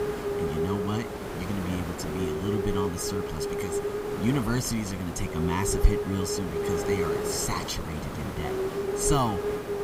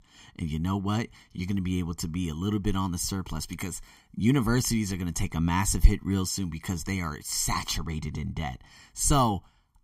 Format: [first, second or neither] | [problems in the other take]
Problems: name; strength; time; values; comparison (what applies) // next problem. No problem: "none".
second | hiss; loud; throughout; 1 dB below the speech